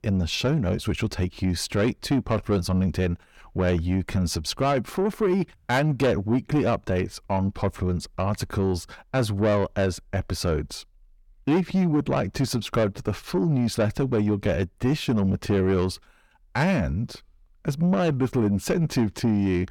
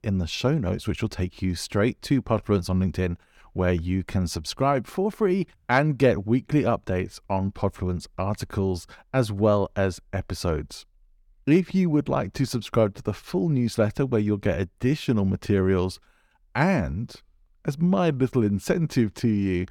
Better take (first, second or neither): second